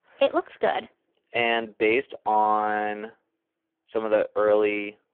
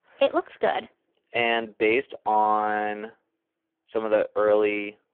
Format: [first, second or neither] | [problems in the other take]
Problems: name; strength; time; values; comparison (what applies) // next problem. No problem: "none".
neither | phone-call audio; poor line; the same in both